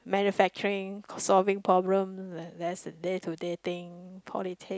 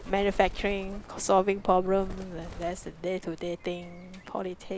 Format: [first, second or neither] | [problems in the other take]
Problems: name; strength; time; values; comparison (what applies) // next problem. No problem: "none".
first | background sound (Bird); 12 dB below the speech